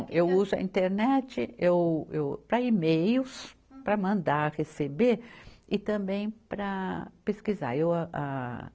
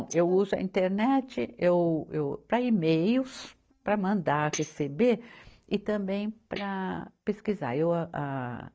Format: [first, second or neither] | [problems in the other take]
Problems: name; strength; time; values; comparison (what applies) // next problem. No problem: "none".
first | noise reduction (neural mask model DeepFilterNet 3)